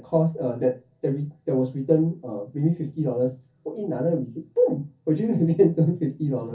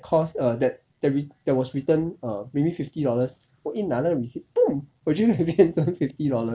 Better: second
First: room echo; dies away in 0.3 s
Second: none

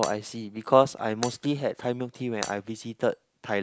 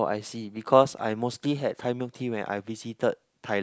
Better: second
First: background sound (Shatter); 16 dB below the speech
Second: none

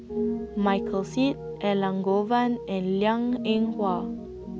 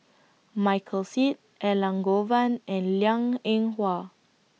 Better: second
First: background sound (Piano); 7 dB below the speech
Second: none

